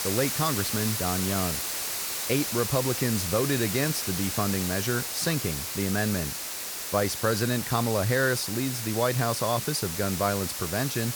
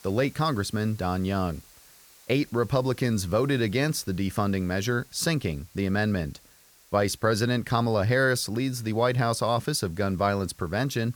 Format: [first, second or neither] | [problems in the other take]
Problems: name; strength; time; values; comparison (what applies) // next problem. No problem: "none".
second | hiss; loud; throughout; 2 dB below the speech; faint in the second